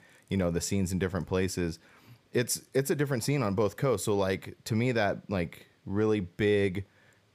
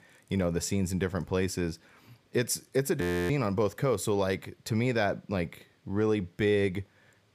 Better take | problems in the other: first | audio freezing; at 3 s

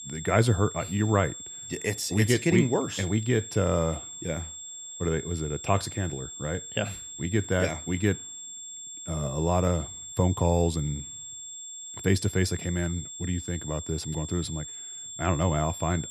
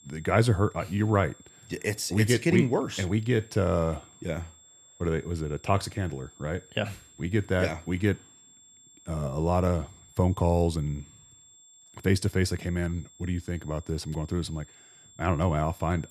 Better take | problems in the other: second | high-pitched whine; loud; throughout; 7.5 kHz, 10 dB below the speech; faint in the second

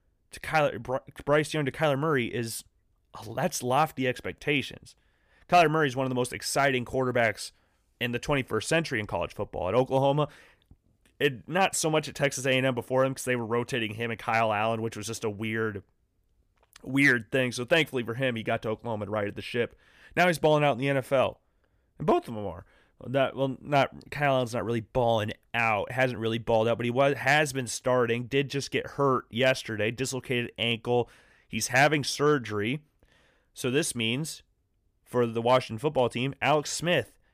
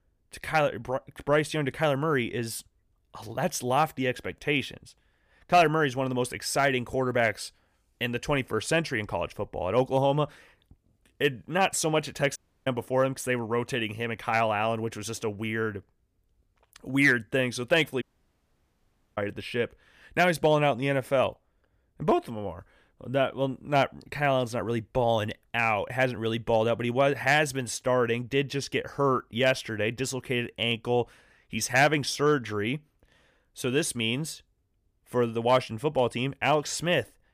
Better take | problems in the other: first | audio cutting out; at 12 s and at 18 s for 1 s

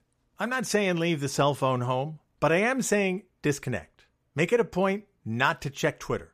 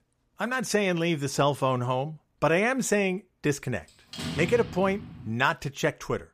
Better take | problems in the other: first | door banging; noticeable; from 4 to 5.5 s; peak 6 dB below the speech

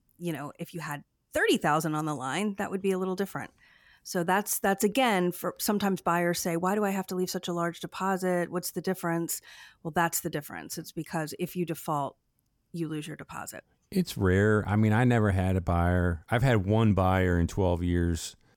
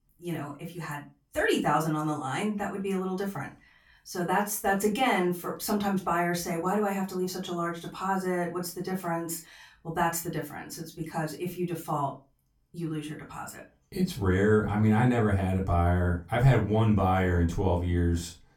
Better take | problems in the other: first | off-mic speech; far // room echo; very slight; dies away in 0.2 s

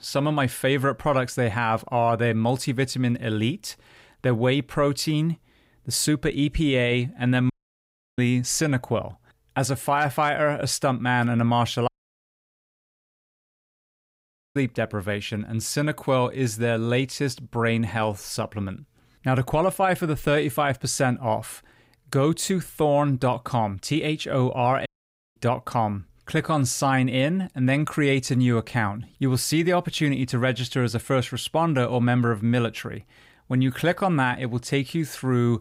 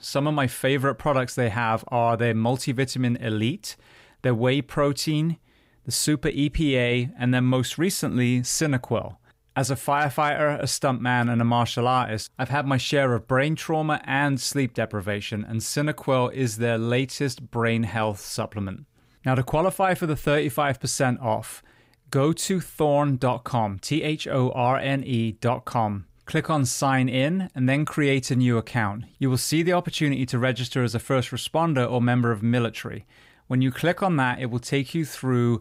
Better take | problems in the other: second | audio cutting out; at 7.5 s for 0.5 s, at 12 s for 2.5 s and at 25 s for 0.5 s

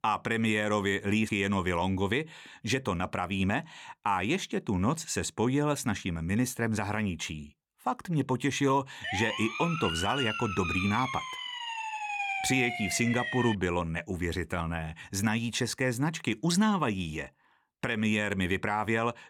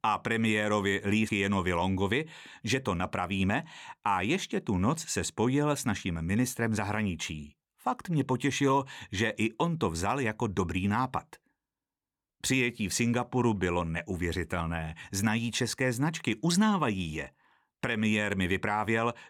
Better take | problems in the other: second | siren; noticeable; from 9 to 14 s; peak 1 dB below the speech

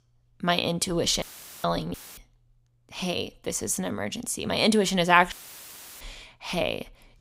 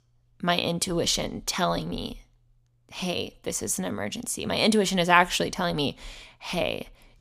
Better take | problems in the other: second | audio cutting out; filled with static; at 1 s, at 2 s and at 5.5 s for 0.5 s

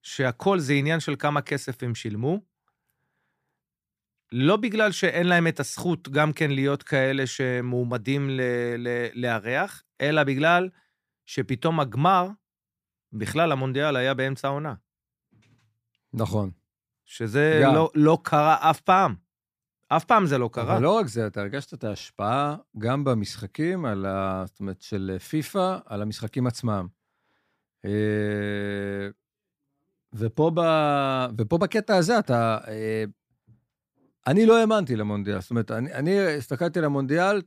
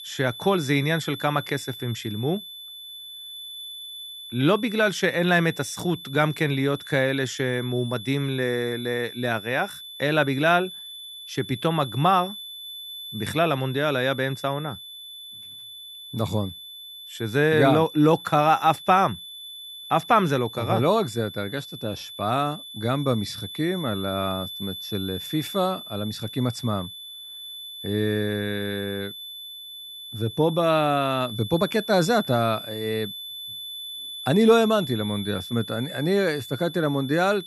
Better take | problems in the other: first | high-pitched whine; noticeable; throughout; 3.5 kHz, 10 dB below the speech

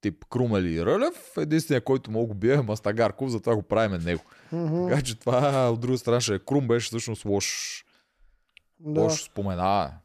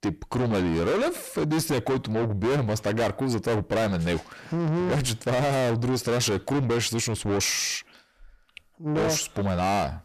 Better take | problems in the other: first | distortion; heavy; 6 dB below the speech

